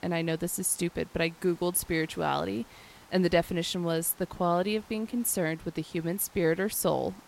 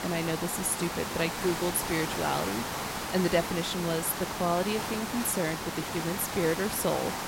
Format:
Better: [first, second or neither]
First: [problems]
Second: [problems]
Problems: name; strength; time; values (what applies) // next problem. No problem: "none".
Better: first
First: hiss; faint; throughout; 25 dB below the speech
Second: hiss; loud; throughout; 3 dB below the speech